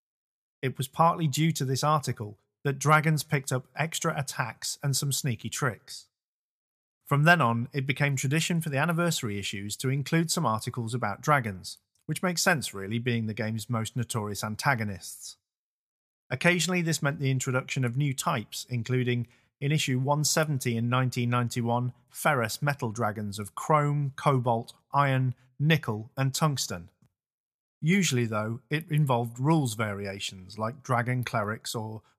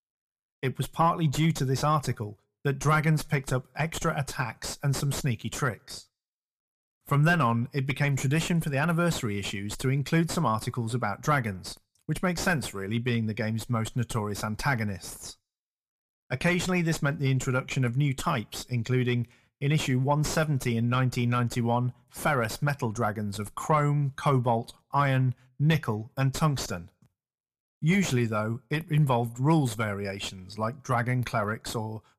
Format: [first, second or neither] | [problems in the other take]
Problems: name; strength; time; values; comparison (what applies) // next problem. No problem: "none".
first | distortion; slight; 9 dB below the speech